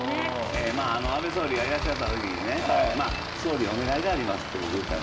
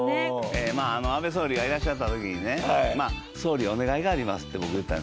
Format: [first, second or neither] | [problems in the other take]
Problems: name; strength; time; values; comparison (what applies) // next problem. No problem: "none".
second | background sound (Aircraft); 6 dB below the speech // room echo; dies away in 1.1 s